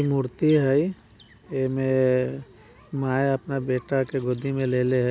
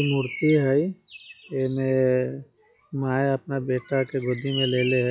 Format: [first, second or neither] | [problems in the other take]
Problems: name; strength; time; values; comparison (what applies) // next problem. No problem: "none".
first | noise reduction (classical method log-MMSE)